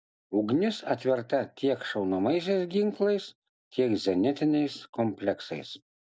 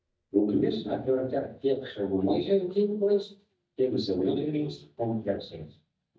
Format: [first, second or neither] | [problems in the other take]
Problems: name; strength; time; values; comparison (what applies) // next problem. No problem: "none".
first | noise reduction (neural mask model DeepFilterNet 3)